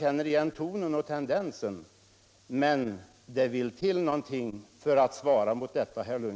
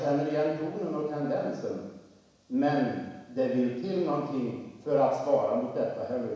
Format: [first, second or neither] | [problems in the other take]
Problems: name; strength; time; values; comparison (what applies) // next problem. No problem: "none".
first | room echo; dies away in 1.1 s